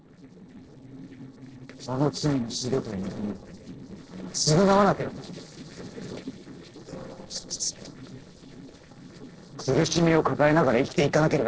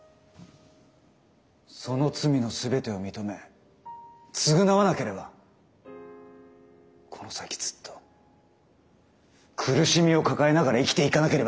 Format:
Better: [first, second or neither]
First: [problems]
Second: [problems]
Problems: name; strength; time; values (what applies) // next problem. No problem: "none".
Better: second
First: noise reduction (neural separator model SepFormer DNS4)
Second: none